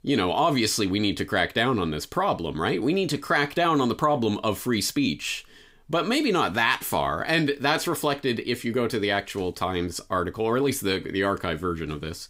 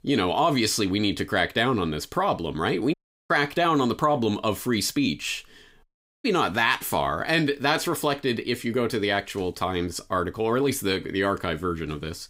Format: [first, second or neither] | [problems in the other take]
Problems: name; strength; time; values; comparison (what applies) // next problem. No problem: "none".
first | audio cutting out; at 3 s and at 6 s